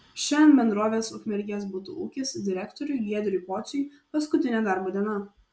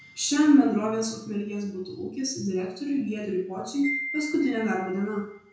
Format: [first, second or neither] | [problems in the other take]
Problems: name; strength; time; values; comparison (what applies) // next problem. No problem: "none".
first | background sound (Wind chime); 15 dB below the speech // room echo; dies away in 0.5 s